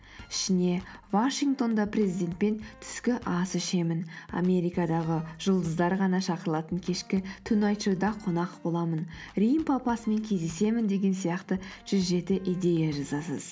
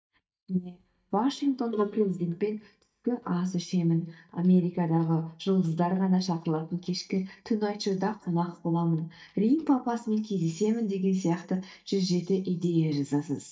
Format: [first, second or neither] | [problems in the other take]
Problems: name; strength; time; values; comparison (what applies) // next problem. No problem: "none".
first | noise reduction (neural mask model DeepFilterNet 3)